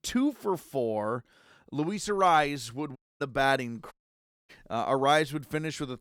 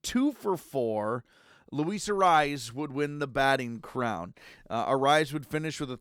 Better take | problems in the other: second | audio cutting out; at 3 s and at 4 s for 0.5 s

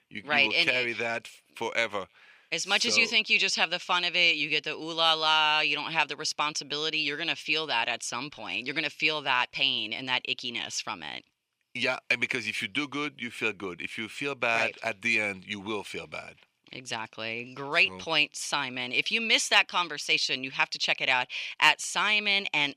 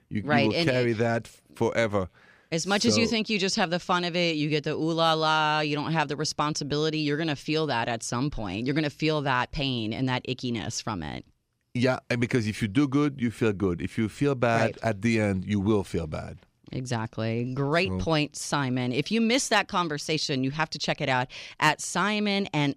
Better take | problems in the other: second | thin; somewhat; fading below 900 Hz

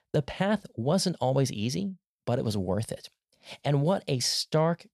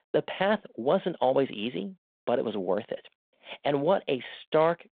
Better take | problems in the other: first | phone-call audio

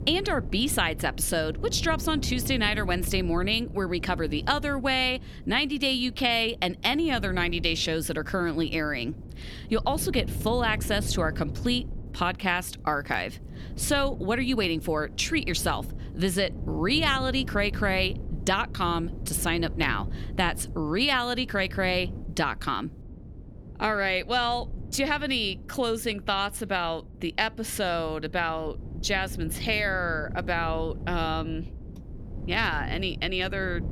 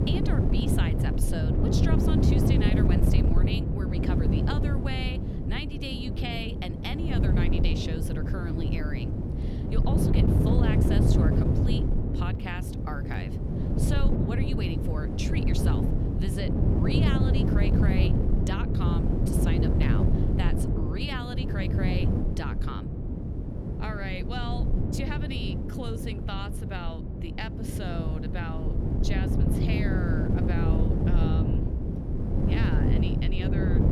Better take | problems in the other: first | wind noise on the microphone; heavy; 2 dB above the speech; occasional gusts in the first

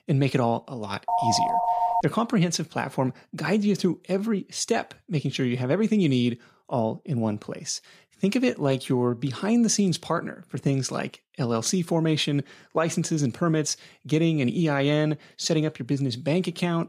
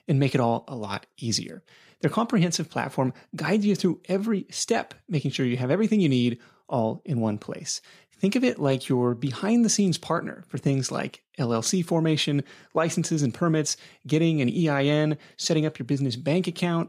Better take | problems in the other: second | phone ringing; loud; at 1 s; peak 2 dB above the speech

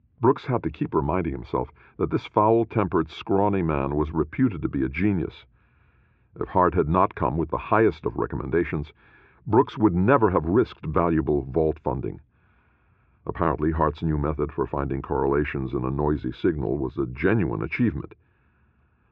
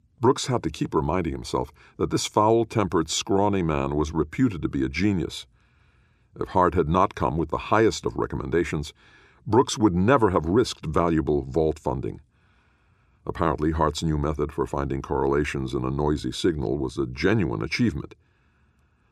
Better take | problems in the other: second | muffled; very; fading above 2.5 kHz

